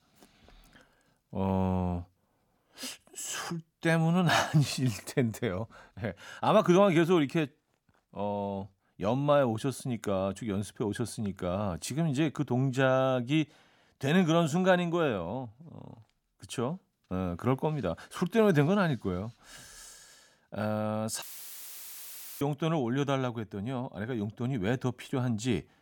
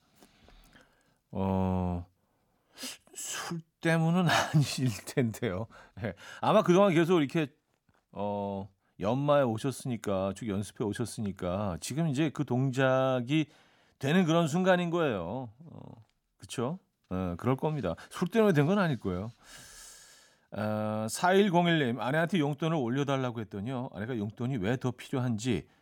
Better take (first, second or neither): second